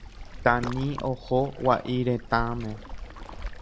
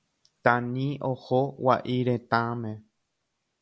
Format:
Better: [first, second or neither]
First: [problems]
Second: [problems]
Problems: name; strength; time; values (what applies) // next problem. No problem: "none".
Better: second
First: background sound (Waves, surf); 10 dB below the speech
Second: none